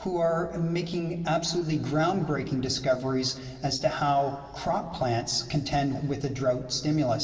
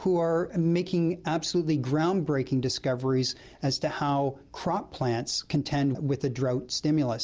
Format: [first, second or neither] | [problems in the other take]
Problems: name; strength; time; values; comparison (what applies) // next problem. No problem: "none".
second | room echo; dies away in 2.1 s